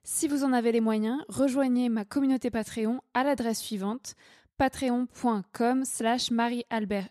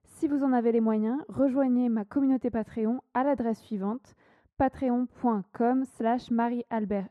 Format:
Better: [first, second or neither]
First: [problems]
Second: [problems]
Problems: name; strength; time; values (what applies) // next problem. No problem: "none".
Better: first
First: none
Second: muffled; very; fading above 2.5 kHz